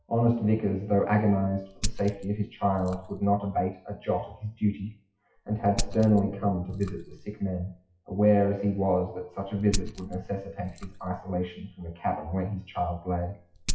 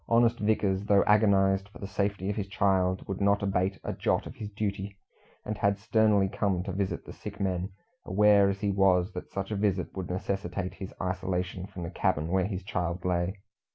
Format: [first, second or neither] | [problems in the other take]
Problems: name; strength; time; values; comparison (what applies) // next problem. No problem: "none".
second | noise reduction (classical method WPE with log-MMSE)